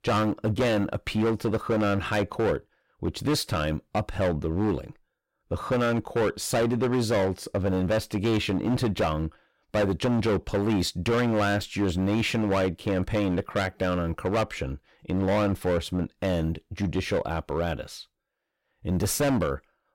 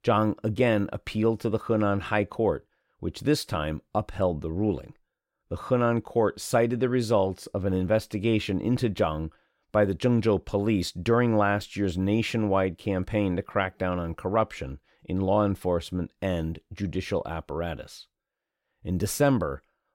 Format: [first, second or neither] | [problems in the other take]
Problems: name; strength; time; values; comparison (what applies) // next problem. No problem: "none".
second | distortion; heavy; 14% of the sound clipped